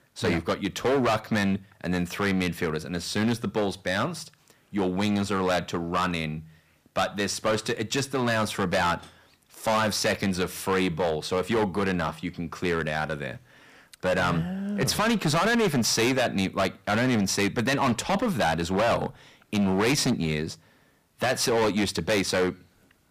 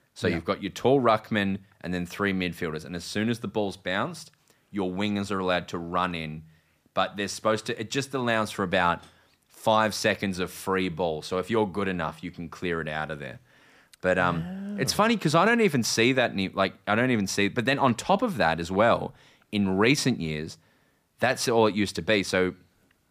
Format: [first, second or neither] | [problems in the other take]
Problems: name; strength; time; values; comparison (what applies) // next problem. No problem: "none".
second | distortion; heavy; 11% of the sound clipped